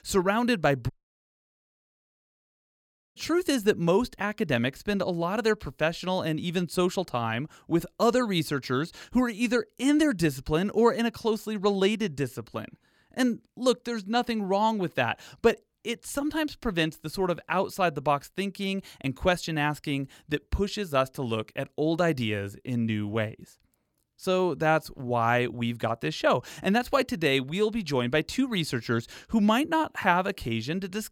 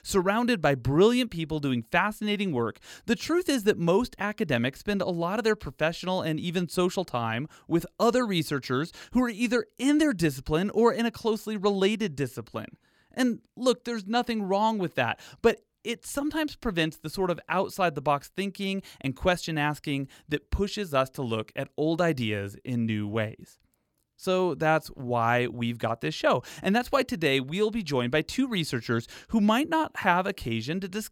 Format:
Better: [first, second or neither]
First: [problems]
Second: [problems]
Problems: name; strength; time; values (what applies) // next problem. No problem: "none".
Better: second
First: audio cutting out; at 1 s for 2.5 s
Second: none